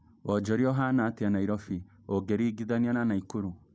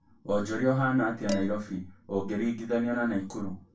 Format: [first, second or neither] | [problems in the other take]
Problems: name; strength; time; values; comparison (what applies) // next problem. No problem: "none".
first | background sound (Dishes, pots, and pans); 15 dB below the speech // room echo; dies away in 0.3 s